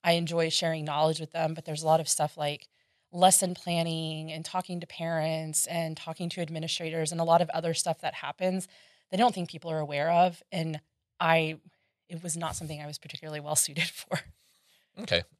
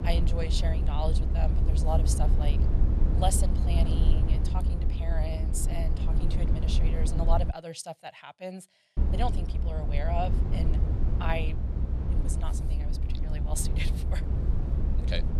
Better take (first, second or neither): first